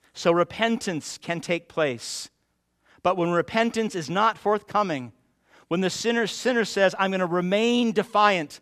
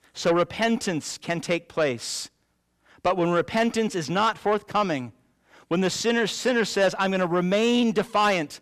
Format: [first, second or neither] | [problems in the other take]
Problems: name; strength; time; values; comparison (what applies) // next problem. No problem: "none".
first | distortion; slight; 10 dB below the speech